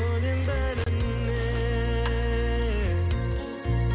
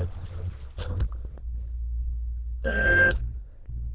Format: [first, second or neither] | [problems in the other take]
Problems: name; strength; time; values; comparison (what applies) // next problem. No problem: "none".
first | noise reduction (neural diffusion model UNIVERSE++)